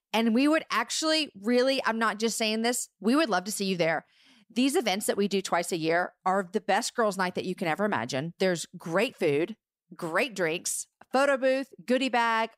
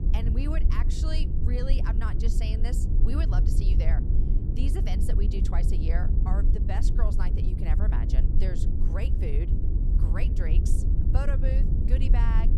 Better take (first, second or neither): first